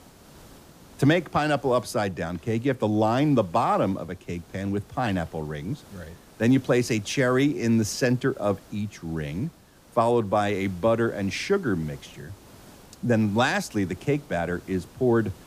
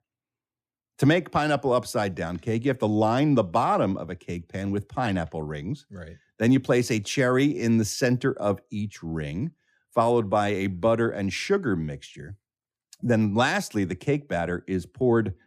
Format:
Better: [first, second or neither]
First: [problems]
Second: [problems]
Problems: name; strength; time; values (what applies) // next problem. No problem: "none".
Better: second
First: hiss; faint; throughout; 25 dB below the speech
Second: none